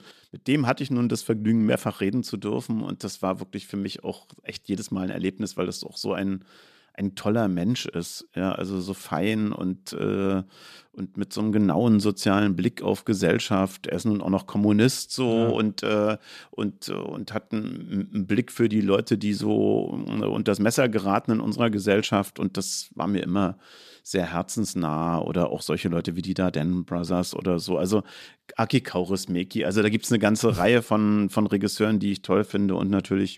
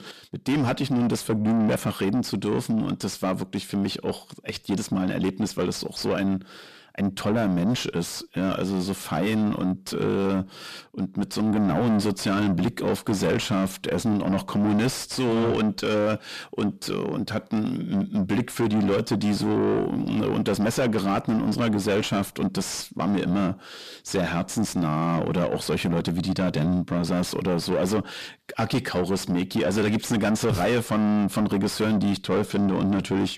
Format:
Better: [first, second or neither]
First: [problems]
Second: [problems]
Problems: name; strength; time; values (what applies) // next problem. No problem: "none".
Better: first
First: none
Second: distortion; heavy; 6 dB below the speech